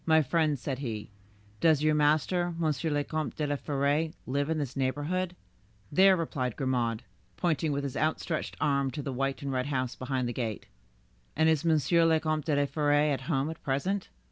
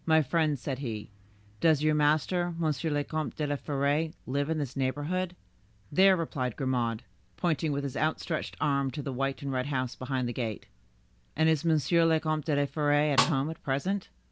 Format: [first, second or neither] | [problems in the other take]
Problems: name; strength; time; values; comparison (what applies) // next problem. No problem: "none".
first | background sound (Snare drum); 3 dB below the speech